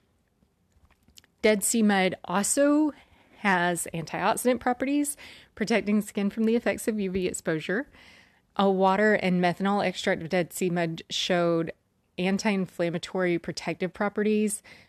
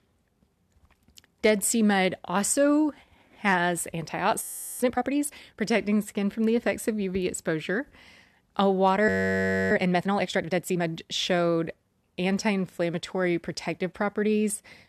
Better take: first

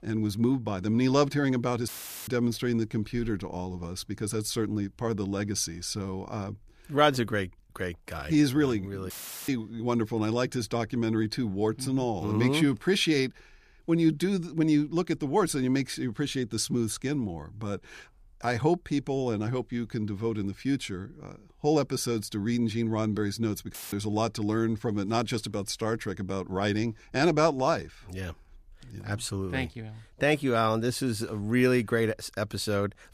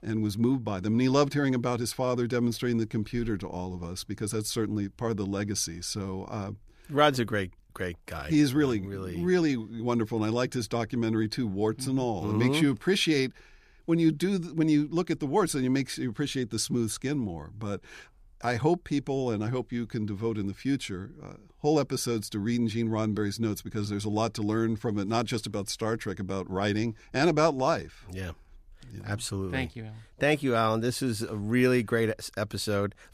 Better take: second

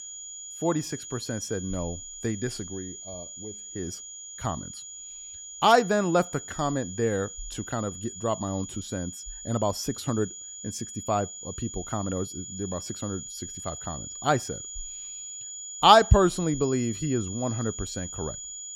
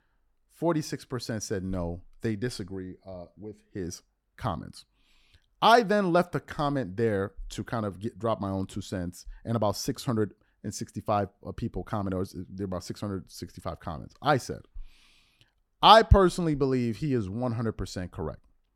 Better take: second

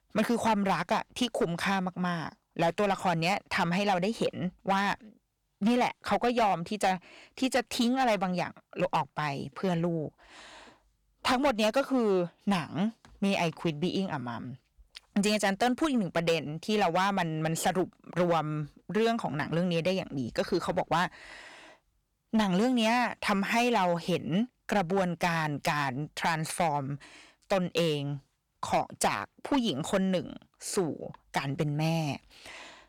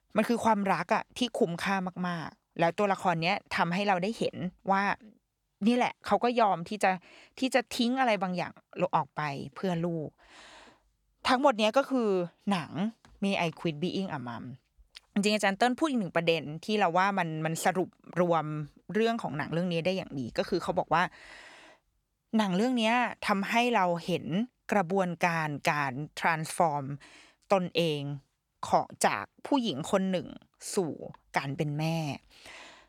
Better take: second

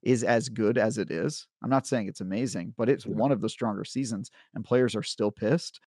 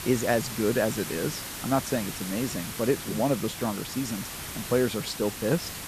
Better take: first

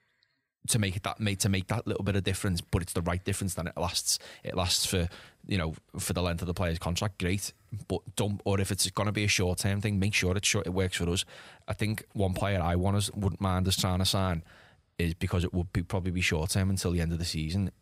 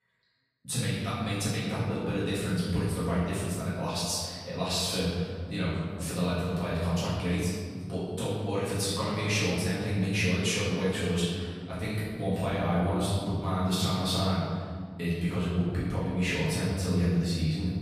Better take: first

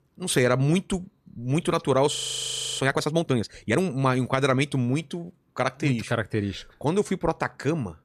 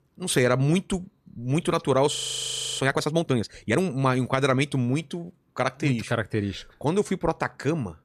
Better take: neither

